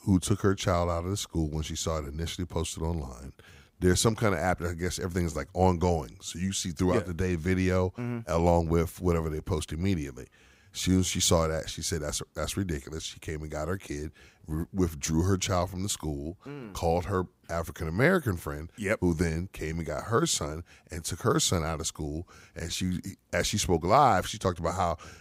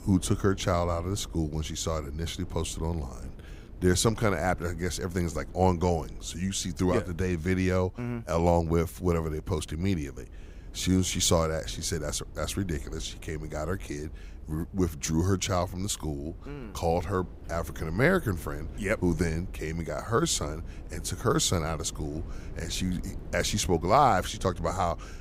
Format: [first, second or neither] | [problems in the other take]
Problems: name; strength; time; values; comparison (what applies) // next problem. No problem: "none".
first | low rumble; faint; throughout; 25 dB below the speech